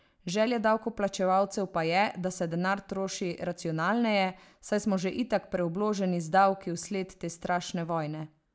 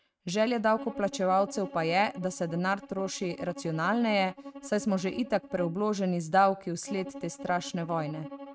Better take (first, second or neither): first